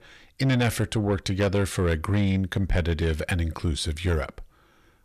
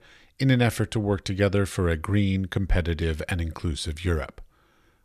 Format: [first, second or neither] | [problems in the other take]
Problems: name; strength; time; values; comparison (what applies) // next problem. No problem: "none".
second | distortion; slight; 10 dB below the speech